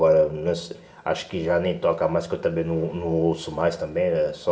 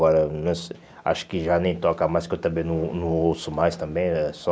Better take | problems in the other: second | room echo; dies away in 0.5 s

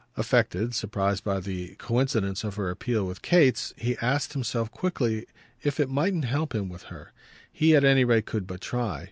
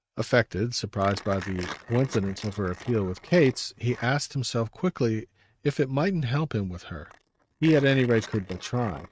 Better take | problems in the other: first | noise reduction (neural mask model RNNoise)

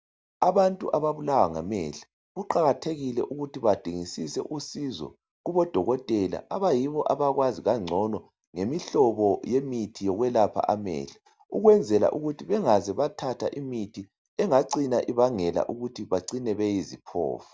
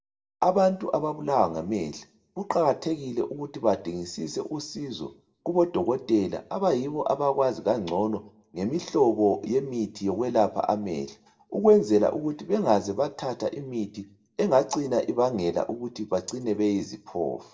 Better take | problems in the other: first | room echo; dies away in 0.5 s

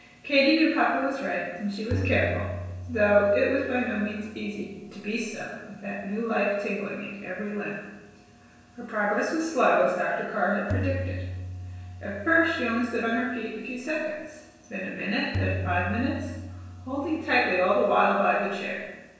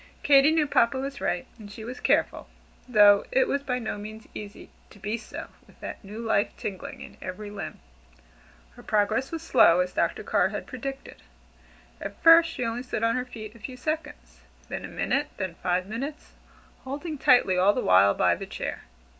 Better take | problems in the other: second | background sound (Tabla); 8 dB below the speech // room echo; dies away in 1 s

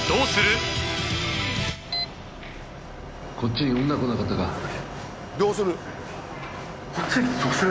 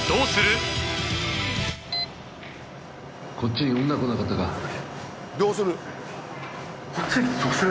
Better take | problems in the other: second | background sound (Engine starting / Motor vehicle (road)); 19 dB below the speech

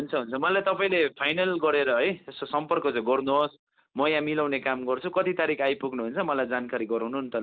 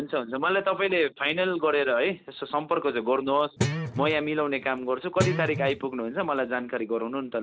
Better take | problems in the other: first | background sound (Guitar); 5 dB below the speech

